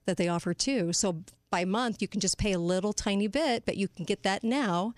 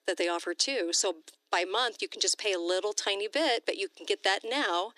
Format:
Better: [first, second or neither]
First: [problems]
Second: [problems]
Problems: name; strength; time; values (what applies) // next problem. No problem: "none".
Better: first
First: none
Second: thin; very; fading below 300 Hz